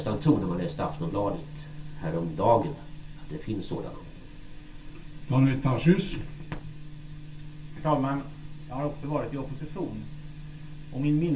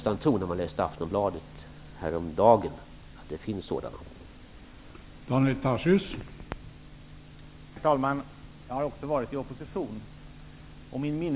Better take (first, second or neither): second